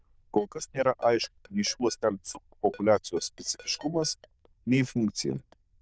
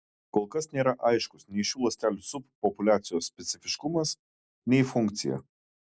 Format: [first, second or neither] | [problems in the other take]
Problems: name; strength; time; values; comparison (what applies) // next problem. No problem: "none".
second | noise reduction (neural diffusion model UNIVERSE++)